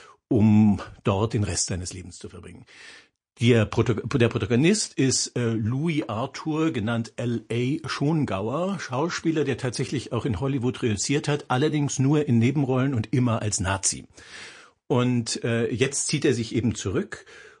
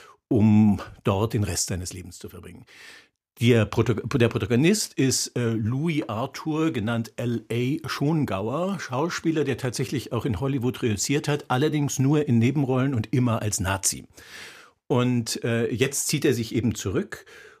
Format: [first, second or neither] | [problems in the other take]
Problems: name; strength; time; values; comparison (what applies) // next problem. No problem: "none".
second | garbled, watery; slightly; nothing above 9 kHz